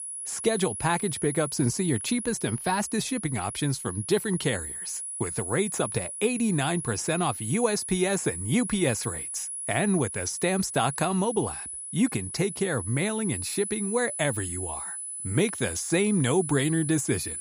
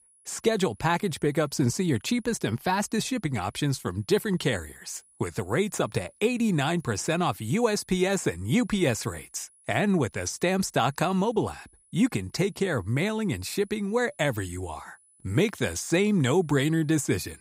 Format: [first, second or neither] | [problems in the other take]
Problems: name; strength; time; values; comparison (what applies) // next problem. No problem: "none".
second | high-pitched whine; loud; throughout; 10.5 kHz, 6 dB below the speech; faint in the second